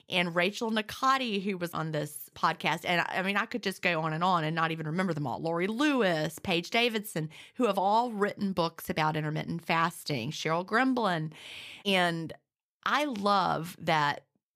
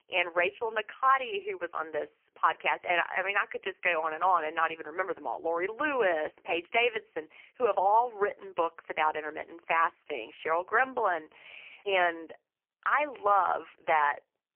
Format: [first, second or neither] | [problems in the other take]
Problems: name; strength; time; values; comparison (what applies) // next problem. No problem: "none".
first | phone-call audio; poor line; nothing above 3 kHz